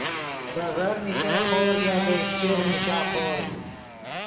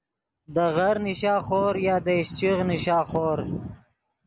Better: second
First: background sound (Motorcycle); 1 dB below the speech // room echo; dies away in 1 s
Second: none

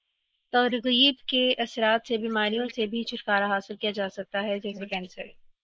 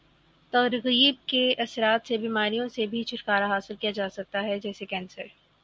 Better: second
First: noise reduction (neural mask model Resemble Enhance denoiser)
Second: none

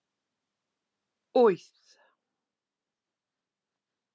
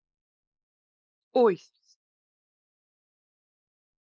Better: first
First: none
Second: noise reduction (neural mask model Resemble Enhance denoiser)

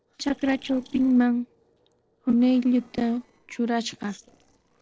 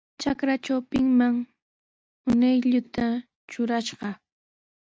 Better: second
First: noise reduction (neural separator model SepFormer DNS4)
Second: none

